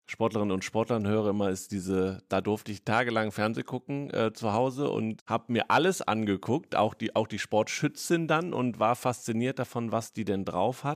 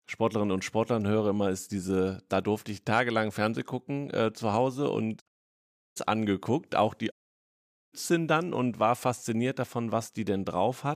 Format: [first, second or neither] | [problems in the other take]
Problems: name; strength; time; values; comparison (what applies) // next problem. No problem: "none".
first | audio cutting out; at 5.5 s for 0.5 s and at 7 s for 1 s